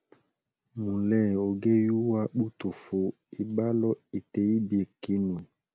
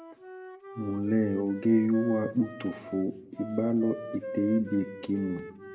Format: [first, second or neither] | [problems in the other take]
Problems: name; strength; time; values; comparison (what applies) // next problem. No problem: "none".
first | background sound (Wind instrument, woodwind instrument); 13 dB below the speech // room echo; dies away in 1.3 s